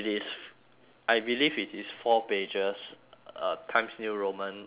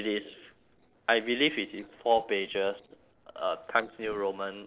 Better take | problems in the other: first | noise reduction (neural separator model SepFormer DNS4)

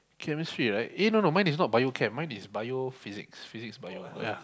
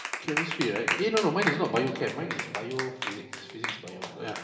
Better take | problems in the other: first | background sound (Clapping); 4 dB below the speech // room echo; dies away in 2.6 s

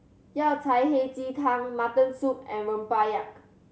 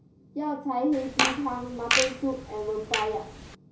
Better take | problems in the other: first | background sound (Fart); as loud as the speech // room echo; dies away in 0.5 s

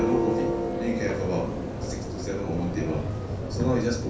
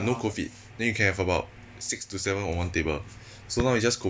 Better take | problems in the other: second | background sound (Church bell); 1 dB above the speech // room echo; dies away in 0.6 s

